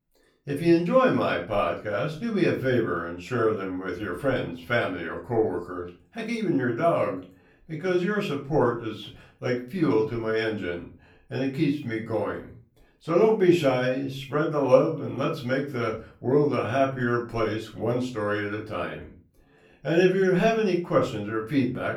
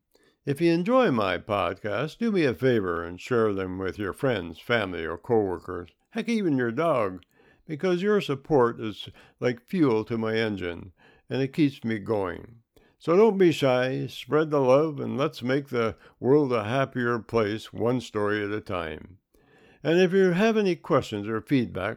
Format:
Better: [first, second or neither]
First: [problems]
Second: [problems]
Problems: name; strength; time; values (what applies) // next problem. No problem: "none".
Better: second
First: room echo; slight; dies away in 0.3 s // off-mic speech; far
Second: none